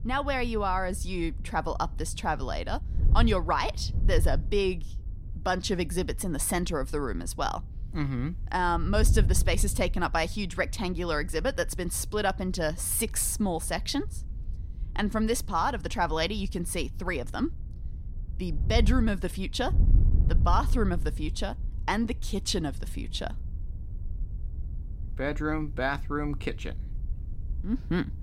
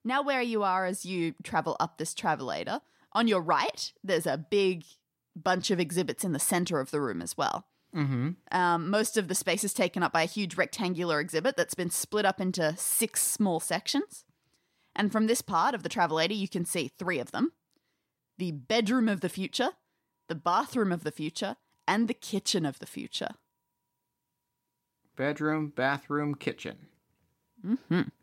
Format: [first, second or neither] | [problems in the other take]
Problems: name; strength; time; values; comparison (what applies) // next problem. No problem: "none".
second | wind noise on the microphone; occasional gusts; 20 dB below the speech